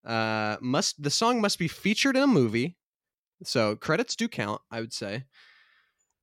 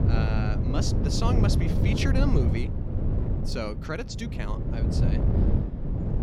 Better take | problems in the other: first | wind noise on the microphone; heavy; 2 dB below the speech

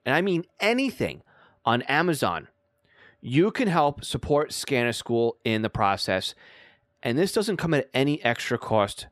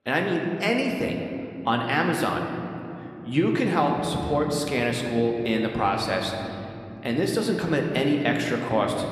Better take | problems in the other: first | room echo; slight; dies away in 2.8 s

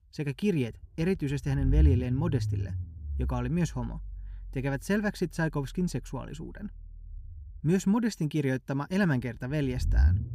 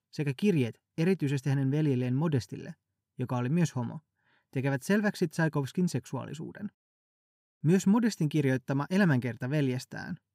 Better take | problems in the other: second | low rumble; noticeable; throughout; 15 dB below the speech

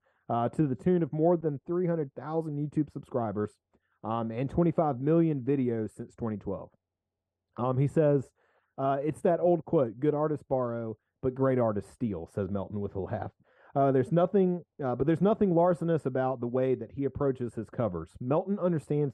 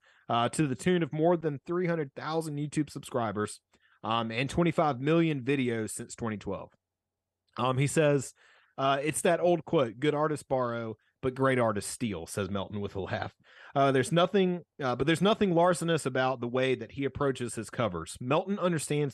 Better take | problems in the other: second | muffled; very; fading above 1.5 kHz

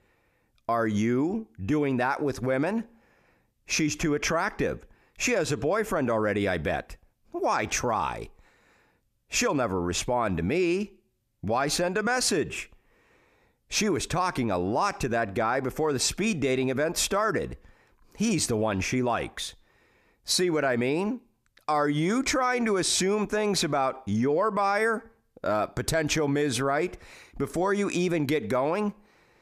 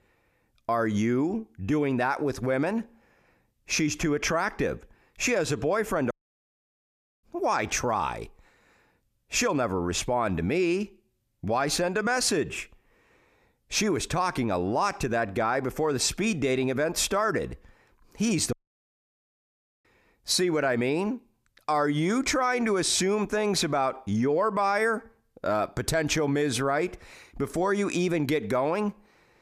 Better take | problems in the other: first | audio cutting out; at 6 s for 1 s and at 19 s for 1.5 s

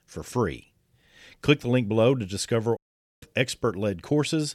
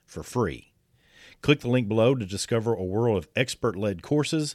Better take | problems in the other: second | audio cutting out; at 3 s

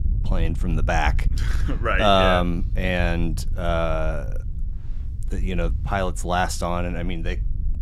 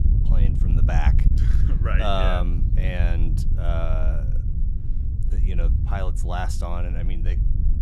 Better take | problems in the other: first | wind noise on the microphone; heavy; 9 dB below the speech; occasional gusts in the first

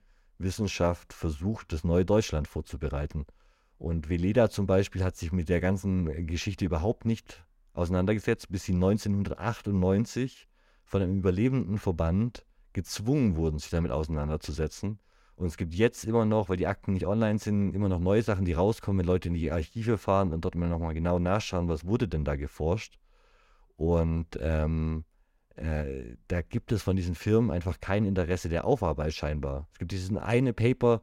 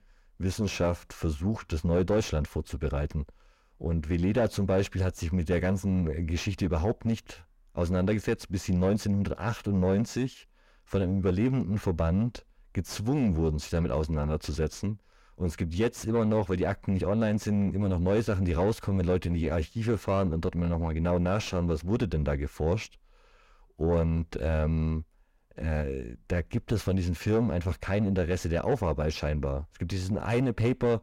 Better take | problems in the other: first | distortion; slight; 10 dB below the speech

